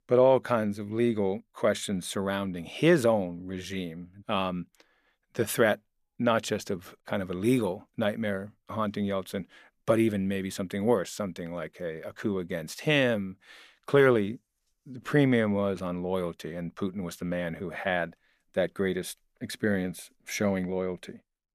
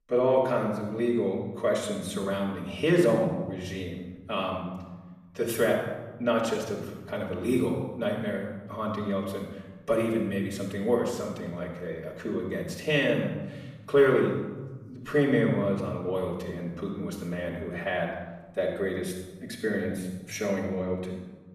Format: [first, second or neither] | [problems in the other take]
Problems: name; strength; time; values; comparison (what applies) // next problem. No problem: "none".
first | off-mic speech; far // room echo; noticeable; dies away in 1.1 s